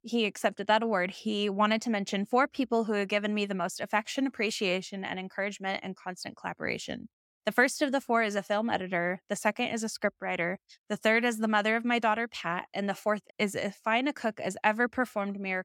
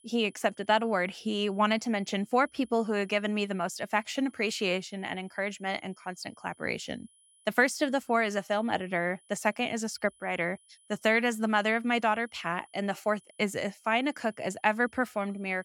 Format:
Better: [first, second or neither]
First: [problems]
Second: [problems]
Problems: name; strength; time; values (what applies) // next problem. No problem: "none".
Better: first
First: none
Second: high-pitched whine; faint; throughout; 10.5 kHz, 30 dB below the speech